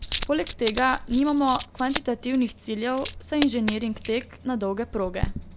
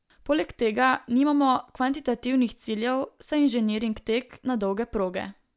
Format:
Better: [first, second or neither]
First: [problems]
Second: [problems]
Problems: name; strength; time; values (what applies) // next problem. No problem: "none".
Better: second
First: background sound (Coin (dropping)); 9 dB below the speech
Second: none